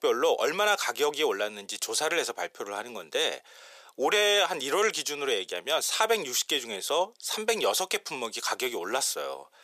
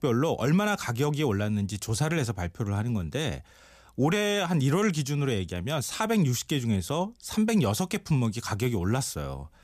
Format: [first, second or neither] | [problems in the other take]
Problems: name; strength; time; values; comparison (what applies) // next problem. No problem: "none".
second | thin; very; fading below 450 Hz